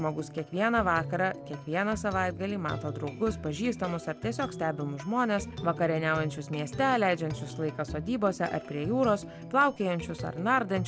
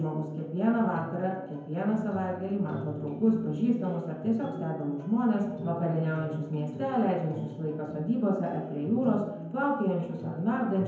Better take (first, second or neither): first